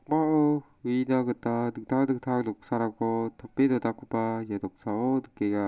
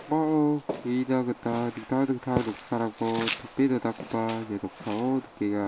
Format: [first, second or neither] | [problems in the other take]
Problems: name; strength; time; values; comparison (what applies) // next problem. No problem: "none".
first | background sound (Walk, footsteps); 11 dB below the speech